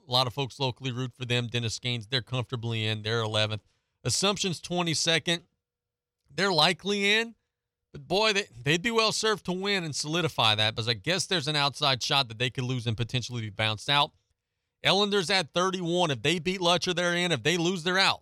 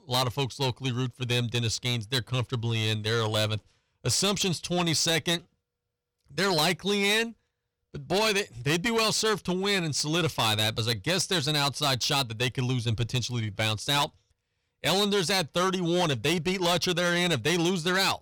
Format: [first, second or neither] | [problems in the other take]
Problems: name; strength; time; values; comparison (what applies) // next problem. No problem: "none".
first | distortion; heavy; 8 dB below the speech